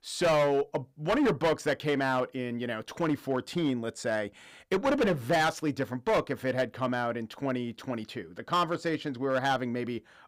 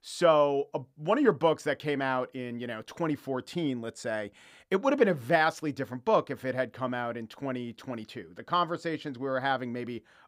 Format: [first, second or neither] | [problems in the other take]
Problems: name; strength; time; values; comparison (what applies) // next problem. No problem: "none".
second | distortion; heavy; 8% of the sound clipped